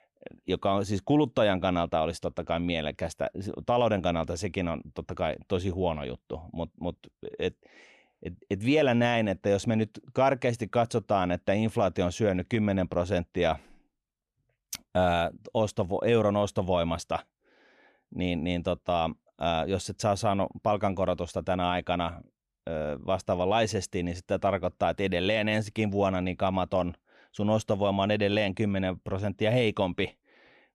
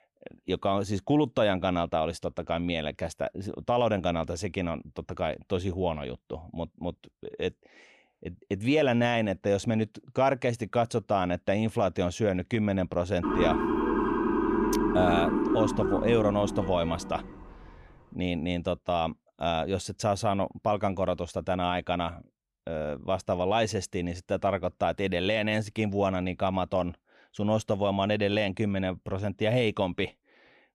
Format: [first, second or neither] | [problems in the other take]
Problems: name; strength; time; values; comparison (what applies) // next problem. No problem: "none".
first | siren; loud; from 13 to 17 s; peak 3 dB above the speech